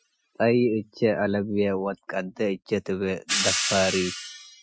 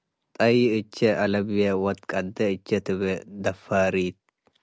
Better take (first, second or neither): second